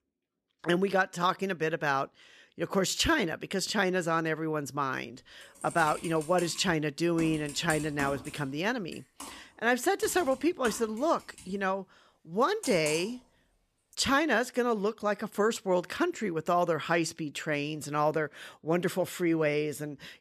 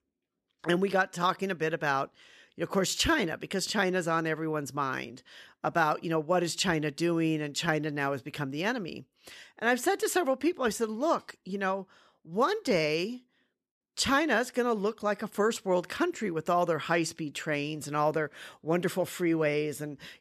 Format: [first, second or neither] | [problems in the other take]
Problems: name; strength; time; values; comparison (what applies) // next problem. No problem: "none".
second | keyboard typing; noticeable; from 5.5 to 14 s; peak 8 dB below the speech